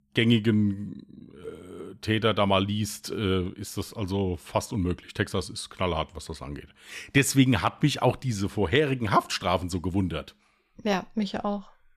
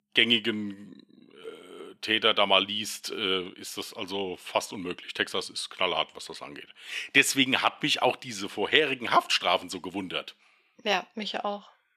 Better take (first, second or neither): first